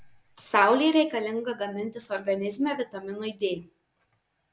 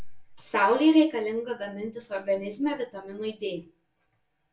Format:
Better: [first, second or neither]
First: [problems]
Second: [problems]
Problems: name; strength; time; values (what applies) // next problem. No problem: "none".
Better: first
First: none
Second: room echo; dies away in 0.2 s